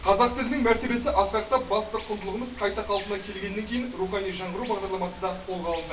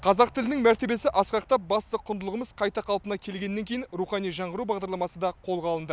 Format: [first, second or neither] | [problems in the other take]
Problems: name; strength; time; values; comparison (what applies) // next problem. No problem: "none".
second | background sound (Water); 18 dB below the speech // room echo; dies away in 0.3 s